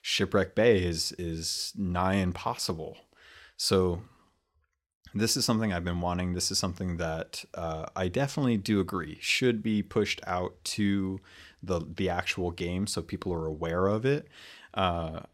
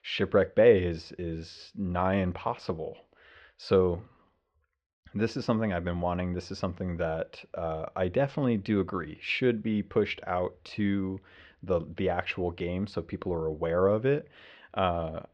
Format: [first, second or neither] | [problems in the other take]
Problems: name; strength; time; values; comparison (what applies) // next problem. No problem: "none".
first | muffled; very; fading above 3 kHz